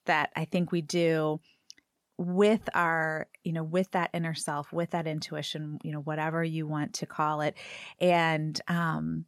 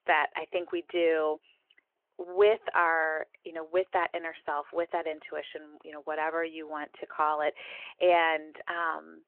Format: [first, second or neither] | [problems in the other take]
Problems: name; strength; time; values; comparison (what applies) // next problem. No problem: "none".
first | phone-call audio